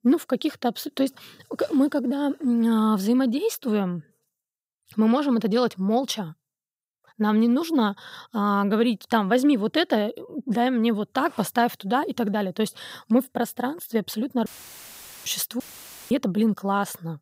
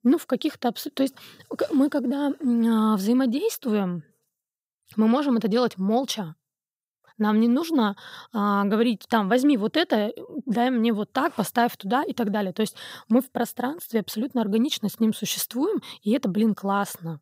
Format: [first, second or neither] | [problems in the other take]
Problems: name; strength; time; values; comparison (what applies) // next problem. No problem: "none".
second | audio cutting out; filled with static; at 14 s for 1 s and at 16 s for 0.5 s